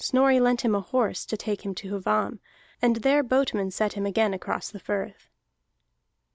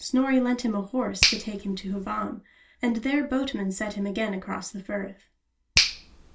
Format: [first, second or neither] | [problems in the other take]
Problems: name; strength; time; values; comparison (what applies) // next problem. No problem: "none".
first | background sound (Finger snapping); 4 dB below the speech // room echo; dies away in 0.2 s